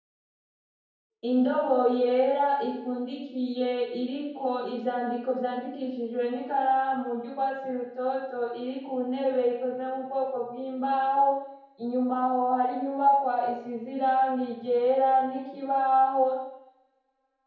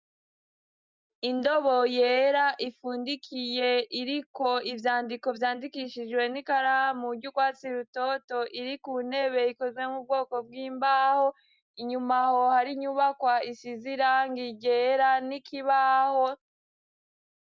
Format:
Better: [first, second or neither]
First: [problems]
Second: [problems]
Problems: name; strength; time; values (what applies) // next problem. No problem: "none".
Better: second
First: room echo; dies away in 0.9 s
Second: none